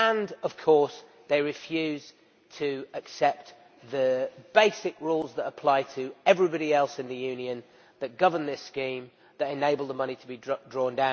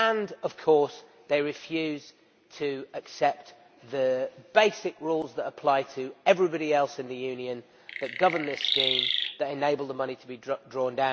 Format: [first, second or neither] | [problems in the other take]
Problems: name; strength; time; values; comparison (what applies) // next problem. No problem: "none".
first | background sound (Chirp, tweet); 1 dB below the speech